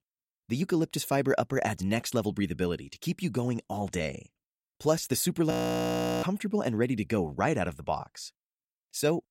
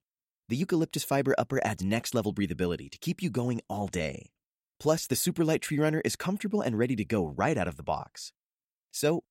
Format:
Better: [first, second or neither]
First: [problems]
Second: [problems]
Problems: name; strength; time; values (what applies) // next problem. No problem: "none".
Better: second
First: audio freezing; at 5.5 s for 0.5 s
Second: none